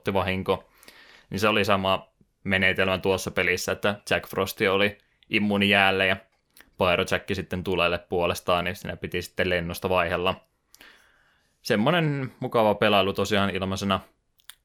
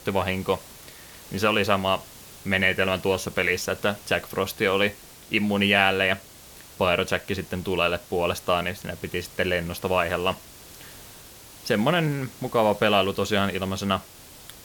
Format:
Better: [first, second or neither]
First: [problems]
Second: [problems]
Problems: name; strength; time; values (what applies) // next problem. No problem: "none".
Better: first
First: none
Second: hiss; noticeable; throughout; 20 dB below the speech